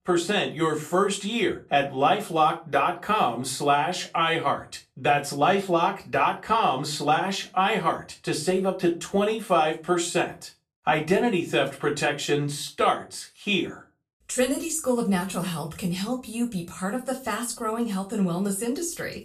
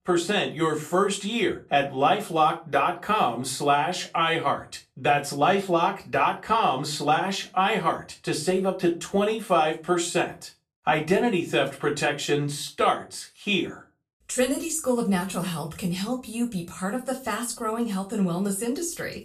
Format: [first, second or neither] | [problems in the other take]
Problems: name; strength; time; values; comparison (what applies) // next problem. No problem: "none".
neither | off-mic speech; far; the same in both // room echo; very slight; dies away in 0.3 s; the same in both